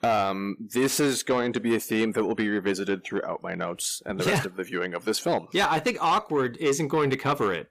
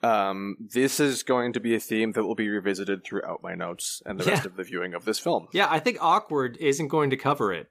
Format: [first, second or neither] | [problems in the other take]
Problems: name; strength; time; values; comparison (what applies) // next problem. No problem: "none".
second | distortion; slight; 10 dB below the speech